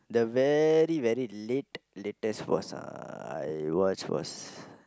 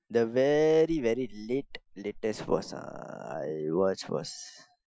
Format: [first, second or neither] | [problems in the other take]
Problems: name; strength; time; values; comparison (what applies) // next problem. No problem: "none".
first | noise reduction (classical method Wiener filter)